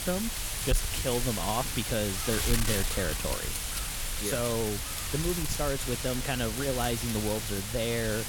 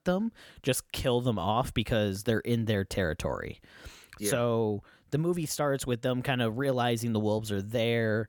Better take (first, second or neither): second